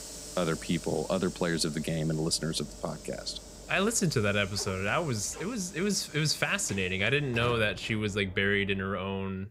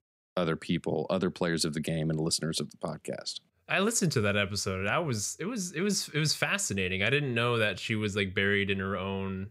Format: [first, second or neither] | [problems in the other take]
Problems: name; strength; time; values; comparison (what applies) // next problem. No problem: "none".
second | hiss; noticeable; throughout; 15 dB below the speech